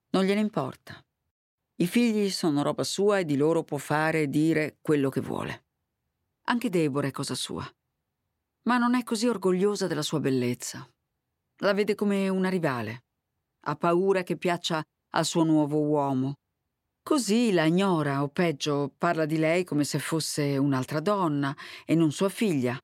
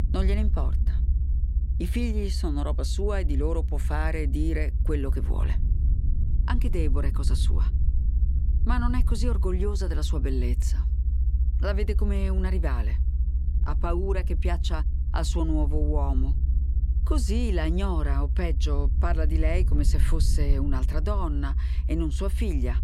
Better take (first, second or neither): first